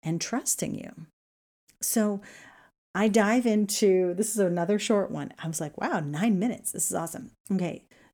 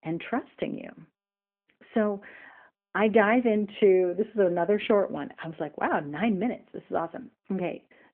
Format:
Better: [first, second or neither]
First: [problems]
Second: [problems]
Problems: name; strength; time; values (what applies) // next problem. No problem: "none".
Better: first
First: none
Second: phone-call audio